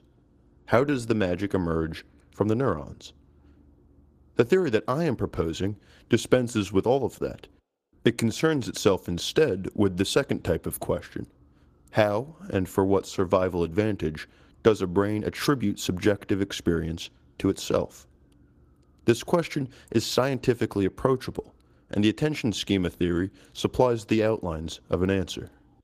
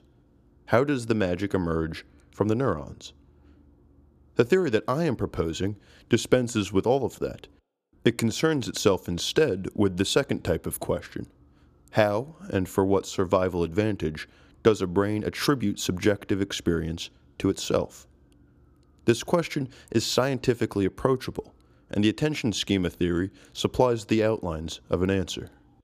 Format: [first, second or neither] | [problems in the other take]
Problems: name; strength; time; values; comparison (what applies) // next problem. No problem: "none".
second | garbled, watery; slightly; nothing above 14.5 kHz